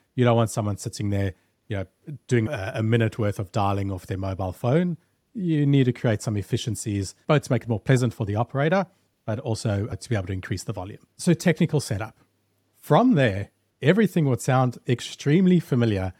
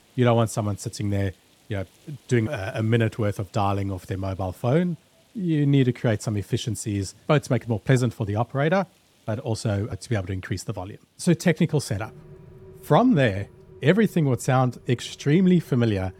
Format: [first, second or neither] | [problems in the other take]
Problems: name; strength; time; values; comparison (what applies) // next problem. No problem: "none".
first | rain or running water; faint; throughout; 30 dB below the speech